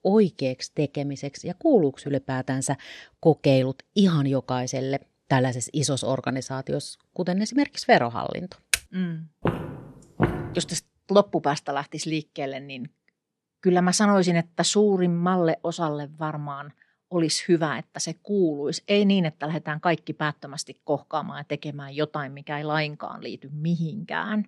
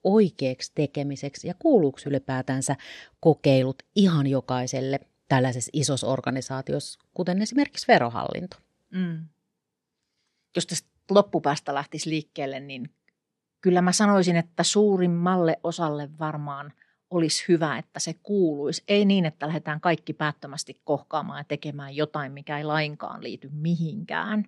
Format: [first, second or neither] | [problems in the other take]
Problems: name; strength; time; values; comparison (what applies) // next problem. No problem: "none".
second | keyboard typing; very faint; at 8.5 s; peak 1 dB below the speech // footsteps; noticeable; from 9.5 to 11 s; peak 1 dB below the speech